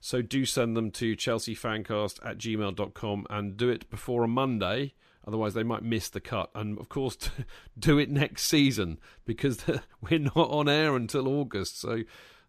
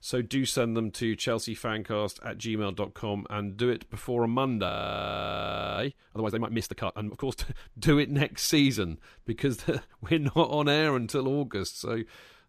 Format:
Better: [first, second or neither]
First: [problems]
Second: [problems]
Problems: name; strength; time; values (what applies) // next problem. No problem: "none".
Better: first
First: none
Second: audio freezing; at 4.5 s for 1 s